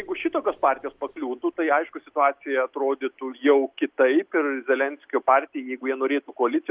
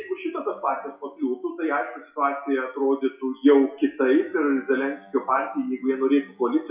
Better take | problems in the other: first | noise reduction (classical method WPE with log-MMSE)

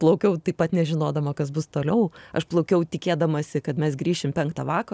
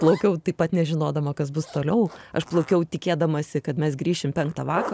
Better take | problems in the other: first | background sound (Zipper (clothing)); 17 dB below the speech

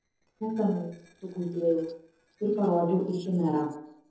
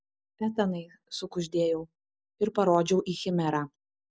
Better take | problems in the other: second | noise reduction (neural separator model SepFormer DNS4)

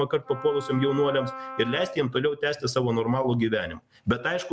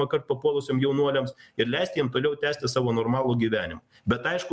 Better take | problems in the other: second | background sound (Wind instrument, woodwind instrument); 13 dB below the speech

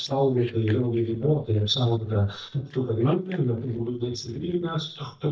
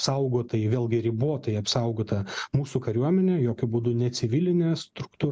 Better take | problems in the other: second | noise reduction (neural mask model DeepFilterNet 3)

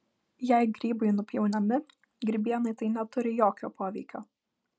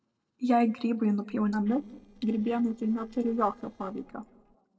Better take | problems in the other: first | noise reduction (neural separator model SepFormer DNS4)

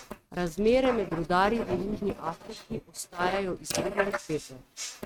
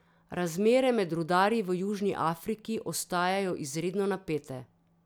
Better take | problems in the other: second | noise reduction (neural mask model RNNoise)

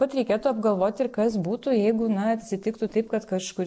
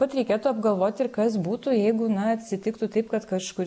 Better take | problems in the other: second | noise reduction (neural separator model SepFormer DNS4)

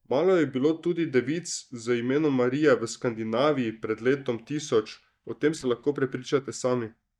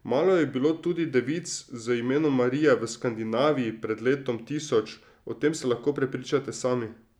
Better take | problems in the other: second | noise reduction (neural mask model DeepFilterNet 3)

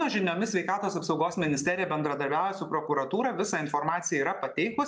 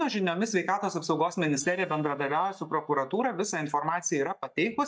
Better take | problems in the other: first | noise reduction (neural mask model DeepFilterNet 3)

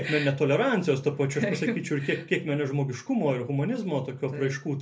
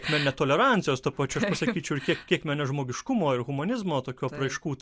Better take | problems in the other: second | room echo; dies away in 0.3 s

